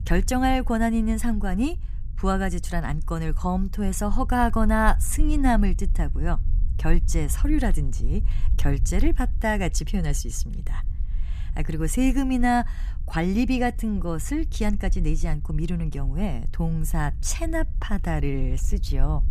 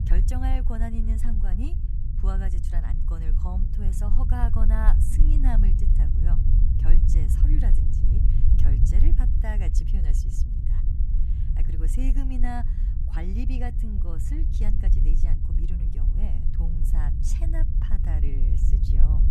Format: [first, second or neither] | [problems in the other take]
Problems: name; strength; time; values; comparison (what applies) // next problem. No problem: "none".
first | low rumble; loud; throughout; 3 dB below the speech; faint in the first